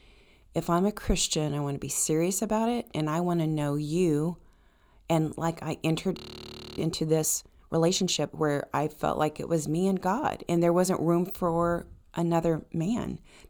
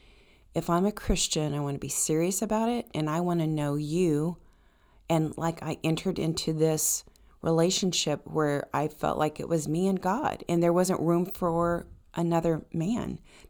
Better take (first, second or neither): second